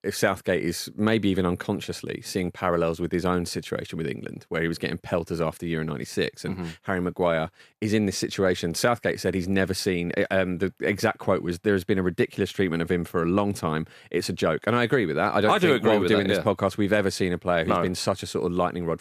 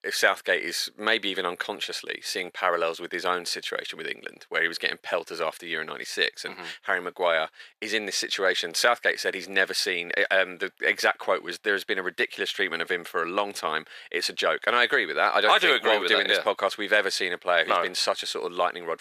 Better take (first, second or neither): first